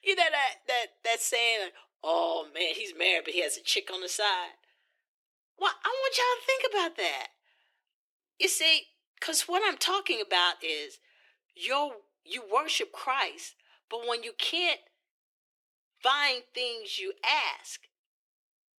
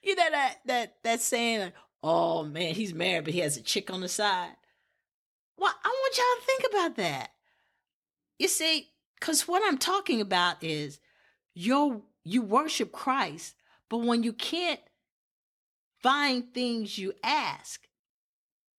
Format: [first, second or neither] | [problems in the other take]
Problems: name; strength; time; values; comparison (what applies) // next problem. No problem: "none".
second | thin; very; fading below 350 Hz